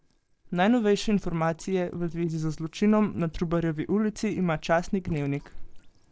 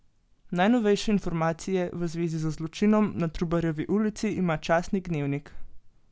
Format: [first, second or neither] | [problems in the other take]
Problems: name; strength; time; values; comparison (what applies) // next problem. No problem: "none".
second | noise reduction (neural separator model SepFormer DNS4)